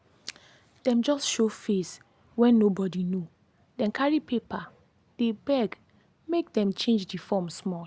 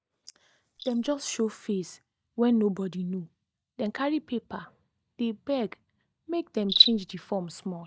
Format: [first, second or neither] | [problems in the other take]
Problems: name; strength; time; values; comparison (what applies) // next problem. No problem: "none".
first | noise reduction (neural mask model DeepFilterNet 3)